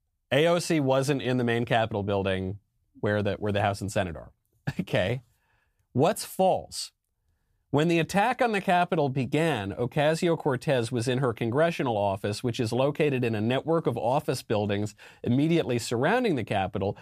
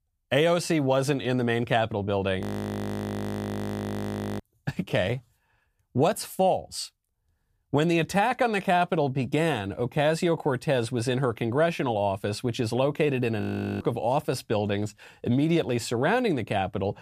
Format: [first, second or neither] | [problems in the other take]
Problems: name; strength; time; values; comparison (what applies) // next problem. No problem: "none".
first | audio freezing; at 2.5 s for 2 s and at 13 s